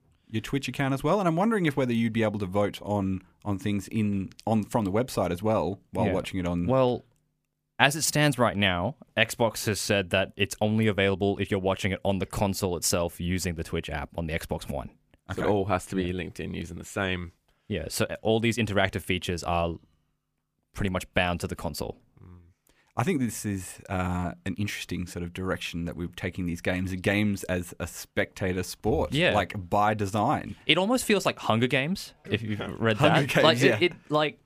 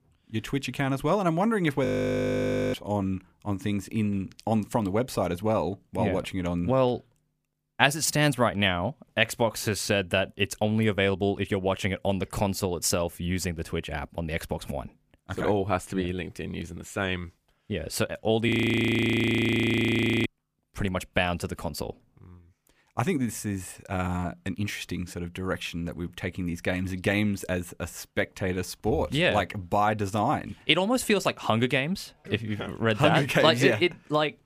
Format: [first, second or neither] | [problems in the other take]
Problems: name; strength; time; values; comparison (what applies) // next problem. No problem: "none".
first | audio freezing; at 2 s for 1 s and at 18 s for 2 s